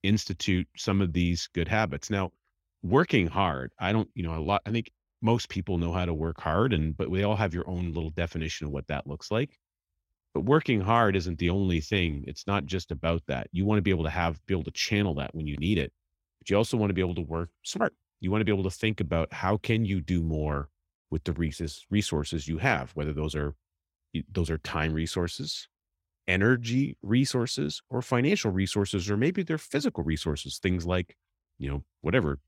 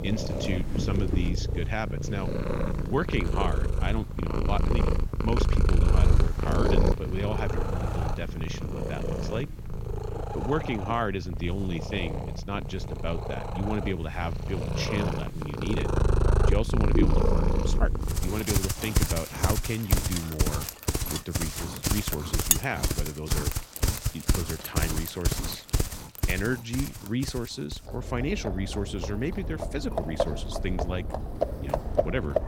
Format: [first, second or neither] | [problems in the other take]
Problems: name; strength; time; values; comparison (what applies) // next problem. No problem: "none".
first | animal sounds; very loud; throughout; 4 dB above the speech